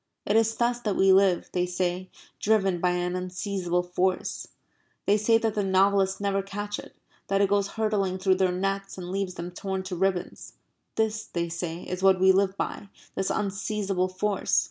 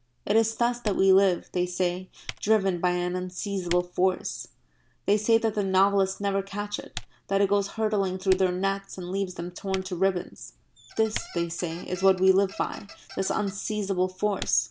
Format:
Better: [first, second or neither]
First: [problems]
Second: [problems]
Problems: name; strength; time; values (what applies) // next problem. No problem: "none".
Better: first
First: none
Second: background sound (Squeak + Typing); 18 dB below the speech